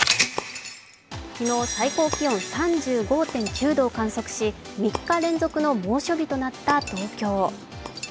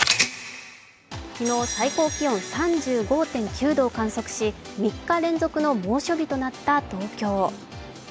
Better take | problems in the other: second | background sound (Shatter); 15 dB below the speech

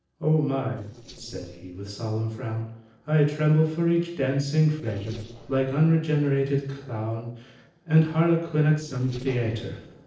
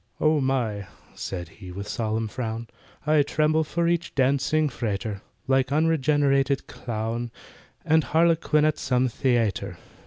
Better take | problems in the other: second | noise reduction (neural separator model SepFormer DNS4)

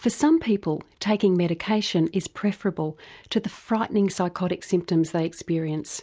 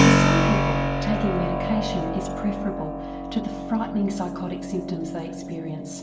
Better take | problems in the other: first | background sound (Keyboard (musical)); 4 dB above the speech // room echo; dies away in 0.9 s

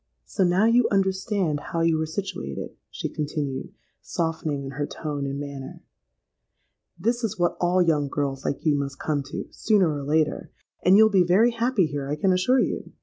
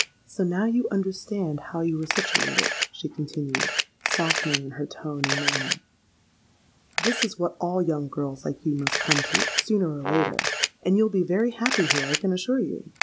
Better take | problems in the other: first | background sound (Brass instrument + Camera); 2 dB below the speech

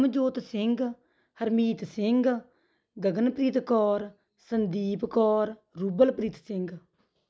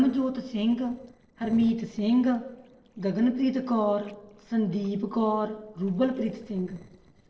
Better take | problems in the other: first | noise reduction (neural separator model SepFormer DNS4)

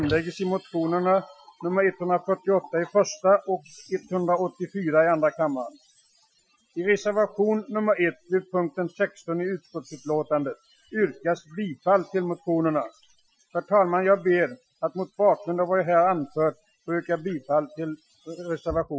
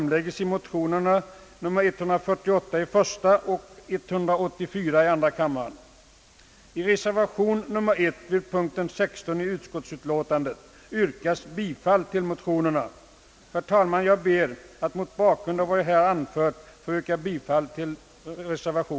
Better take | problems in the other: second | noise reduction (classical method Wiener filter)

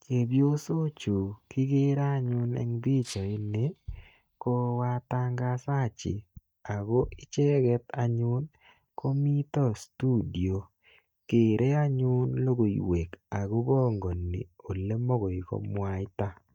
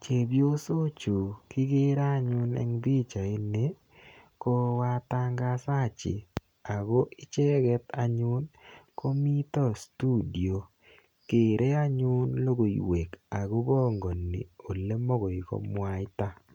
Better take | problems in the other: second | noise reduction (neural mask model DeepFilterNet 3)

